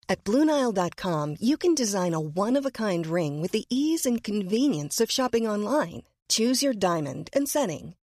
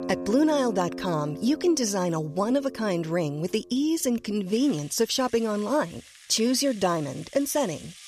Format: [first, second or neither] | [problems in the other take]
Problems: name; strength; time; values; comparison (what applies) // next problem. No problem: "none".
first | background music; noticeable; throughout; 15 dB below the speech